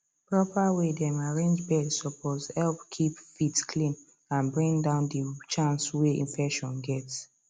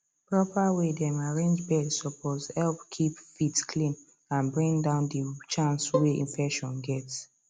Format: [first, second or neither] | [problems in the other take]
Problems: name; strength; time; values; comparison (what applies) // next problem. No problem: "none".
first | background sound (Bowed string instrument); 5 dB below the speech